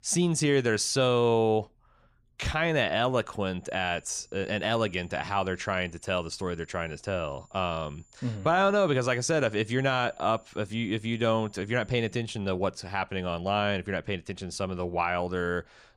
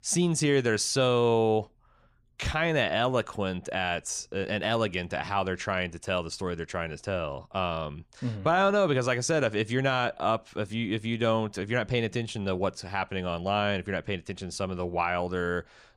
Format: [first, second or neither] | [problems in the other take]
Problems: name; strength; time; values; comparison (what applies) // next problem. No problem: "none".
second | high-pitched whine; faint; from 3.5 to 12 s; 7 kHz, 35 dB below the speech